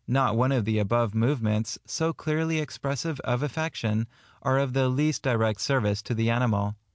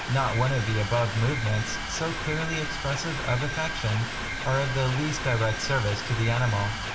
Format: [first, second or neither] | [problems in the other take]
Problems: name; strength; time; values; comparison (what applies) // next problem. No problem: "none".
first | background sound (Mechanisms); 5 dB below the speech // room echo; dies away in 2.1 s